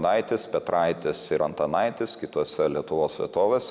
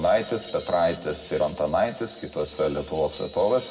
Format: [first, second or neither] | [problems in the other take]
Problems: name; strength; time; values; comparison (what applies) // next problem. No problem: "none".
first | background sound (Screech); 19 dB below the speech // room echo; dies away in 0.3 s